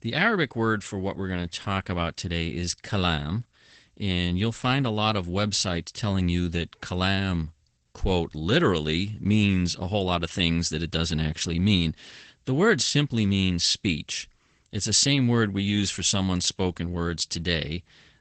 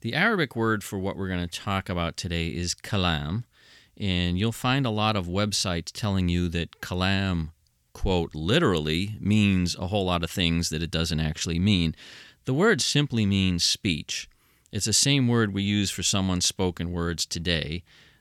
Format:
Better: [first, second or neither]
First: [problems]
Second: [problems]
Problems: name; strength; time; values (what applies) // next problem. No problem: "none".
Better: second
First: garbled, watery; badly; nothing above 8 kHz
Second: none